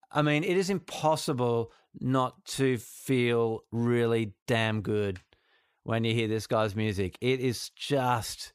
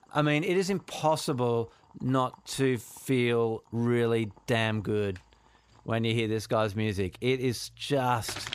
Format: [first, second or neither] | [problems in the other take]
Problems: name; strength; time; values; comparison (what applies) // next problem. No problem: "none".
first | household noises; faint; throughout; 25 dB below the speech